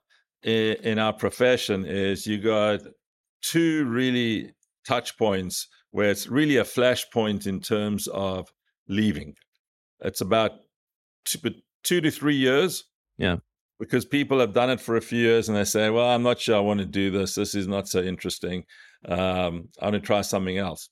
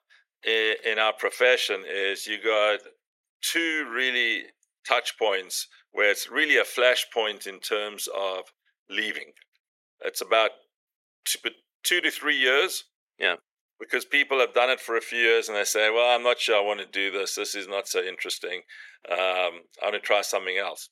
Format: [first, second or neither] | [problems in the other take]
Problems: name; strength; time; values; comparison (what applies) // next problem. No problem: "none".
first | thin; very; fading below 400 Hz